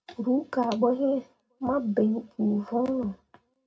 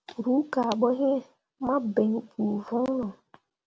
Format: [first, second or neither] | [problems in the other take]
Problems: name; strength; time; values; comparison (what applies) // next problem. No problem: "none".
second | room echo; dies away in 0.2 s